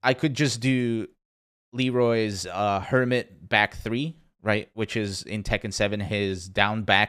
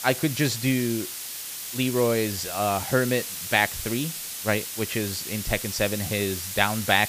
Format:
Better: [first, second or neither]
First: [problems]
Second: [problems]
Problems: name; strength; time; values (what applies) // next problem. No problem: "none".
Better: first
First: none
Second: hiss; loud; throughout; 5 dB below the speech